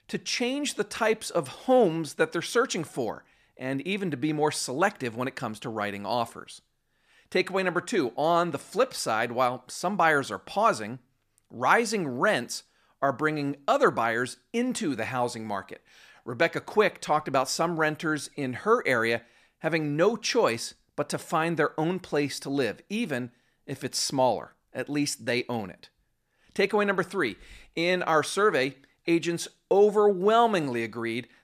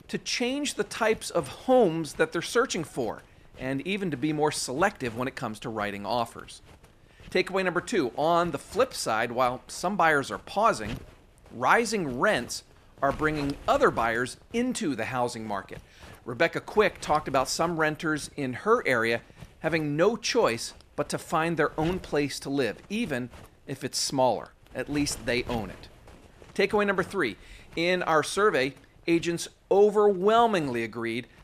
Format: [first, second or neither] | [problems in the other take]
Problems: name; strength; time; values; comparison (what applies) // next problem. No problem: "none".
first | wind noise on the microphone; occasional gusts; 25 dB below the speech